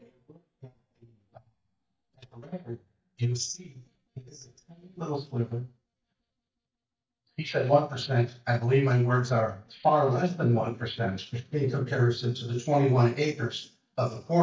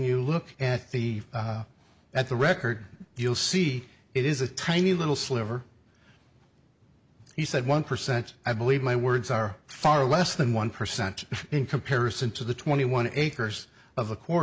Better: second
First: noise reduction (neural mask model DeepFilterNet 3)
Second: none

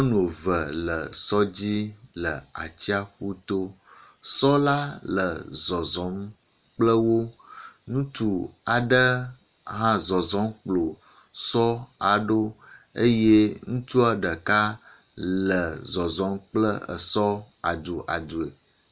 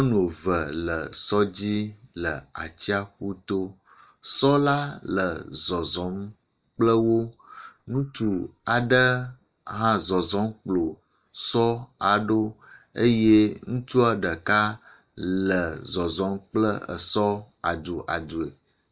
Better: first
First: none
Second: noise reduction (neural mask model DeepFilterNet 3)

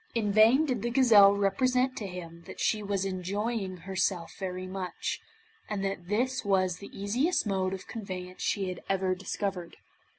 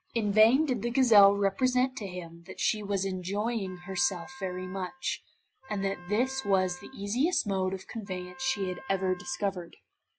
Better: first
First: none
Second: noise reduction (classical method log-MMSE)

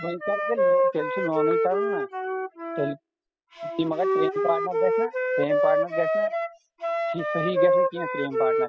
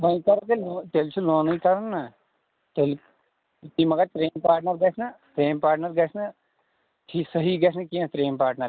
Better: second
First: noise reduction (classical method spectral subtraction)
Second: none

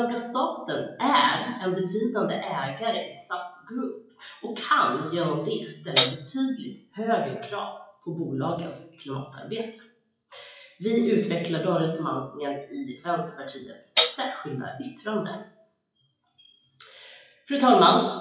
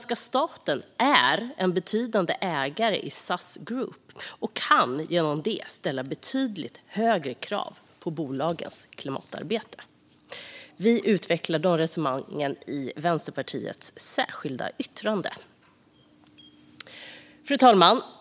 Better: second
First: noise reduction (classical method WPE with log-MMSE)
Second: none

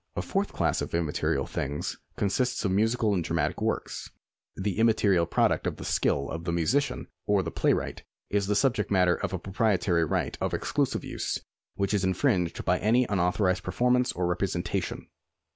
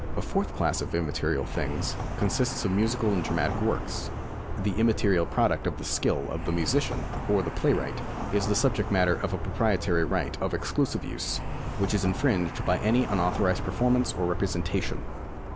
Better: first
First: none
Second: background sound (Traffic noise, roadway noise); 5 dB below the speech

